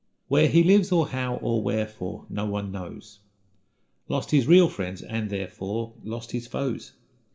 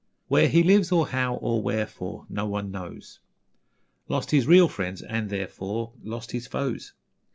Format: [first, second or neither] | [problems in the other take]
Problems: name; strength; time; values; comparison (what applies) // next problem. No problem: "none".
second | room echo; dies away in 0.5 s